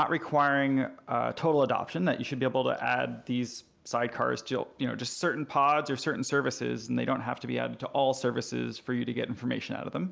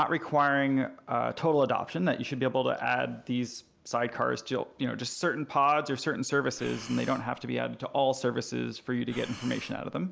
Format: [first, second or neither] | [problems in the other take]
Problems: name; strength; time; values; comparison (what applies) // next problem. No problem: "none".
first | background sound (Breathing); 18 dB below the speech